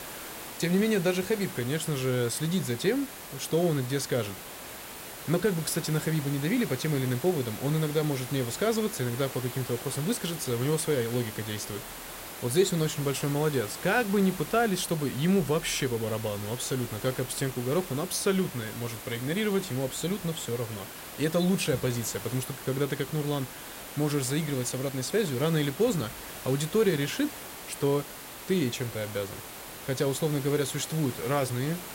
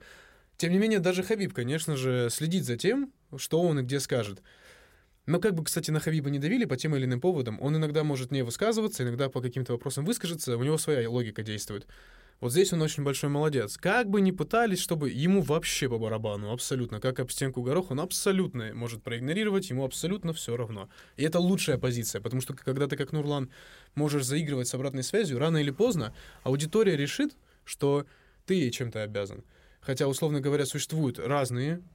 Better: second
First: hiss; noticeable; throughout; 10 dB below the speech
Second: none

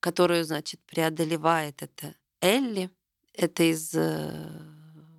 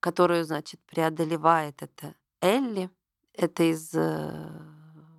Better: first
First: none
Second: muffled; slightly; fading above 1.5 kHz

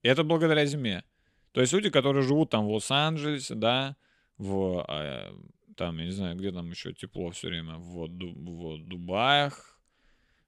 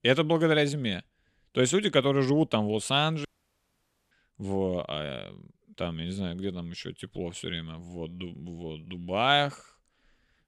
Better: first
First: none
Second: audio cutting out; at 3.5 s for 1 s

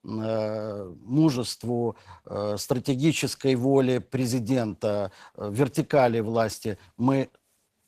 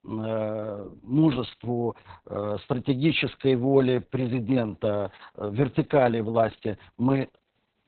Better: first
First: garbled, watery; slightly; nothing above 14.5 kHz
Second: garbled, watery; badly; nothing above 4 kHz

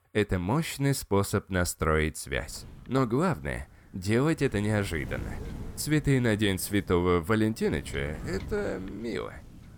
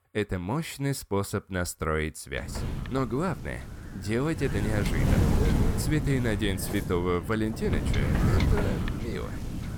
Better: first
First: wind noise on the microphone; occasional gusts; from 2.5 s on; 20 dB below the speech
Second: wind noise on the microphone; heavy; from 2.5 s on; 3 dB below the speech

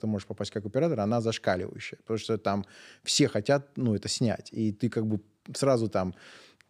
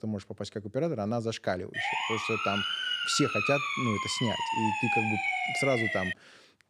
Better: first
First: none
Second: siren; loud; from 1.5 to 6 s; peak 5 dB above the speech

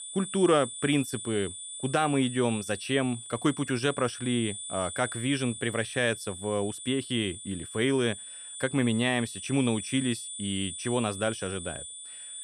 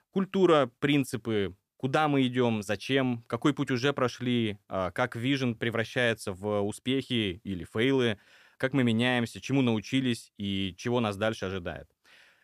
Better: second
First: high-pitched whine; loud; throughout; 9 kHz, 9 dB below the speech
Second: none

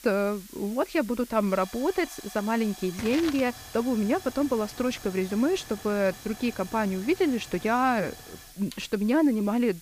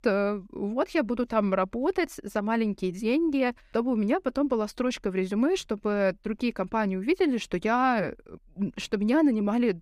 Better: second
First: hiss; noticeable; throughout; 15 dB below the speech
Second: none

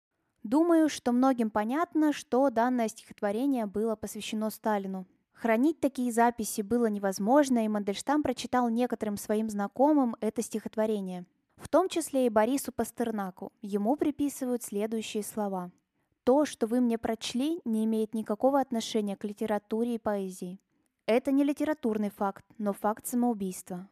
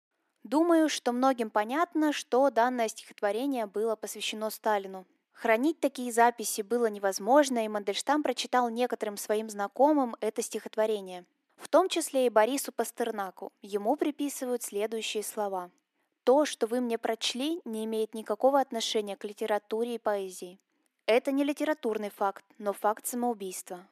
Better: first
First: none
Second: thin; very slightly; fading below 300 Hz

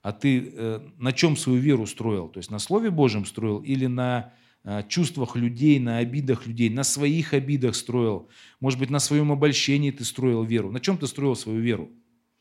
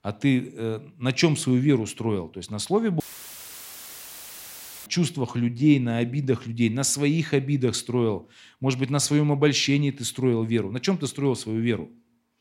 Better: first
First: none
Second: audio cutting out; filled with static; at 3 s for 2 s

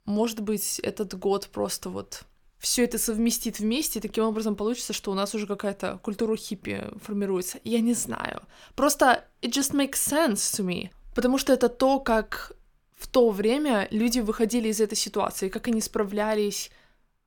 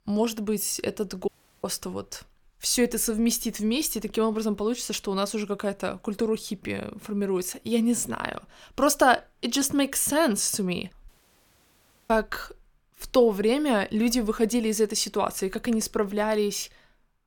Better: first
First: none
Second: audio cutting out; at 1.5 s and at 11 s for 1 s

